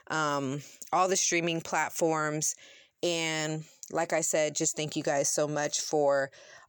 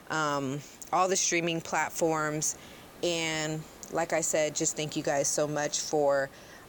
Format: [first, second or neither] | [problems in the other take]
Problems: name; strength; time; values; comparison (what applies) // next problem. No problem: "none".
first | hiss; faint; throughout; 20 dB below the speech